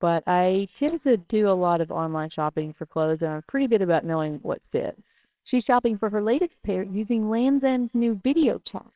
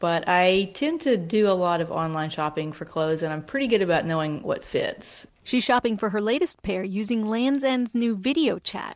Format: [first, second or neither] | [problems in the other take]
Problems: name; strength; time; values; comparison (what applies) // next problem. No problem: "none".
second | noise reduction (neural separator model SepFormer WHAMR!)